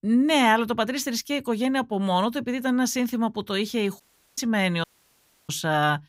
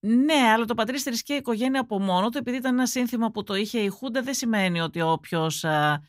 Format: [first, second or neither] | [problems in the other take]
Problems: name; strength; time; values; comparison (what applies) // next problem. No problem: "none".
second | audio cutting out; at 4 s and at 5 s for 0.5 s